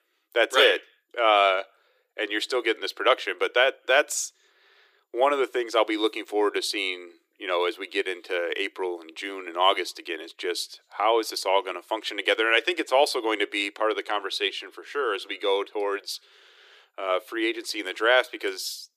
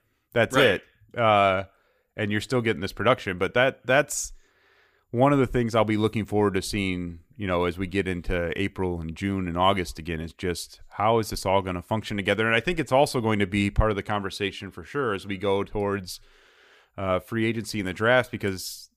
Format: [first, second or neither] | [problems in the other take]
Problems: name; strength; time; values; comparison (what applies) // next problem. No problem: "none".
second | thin; very; fading below 300 Hz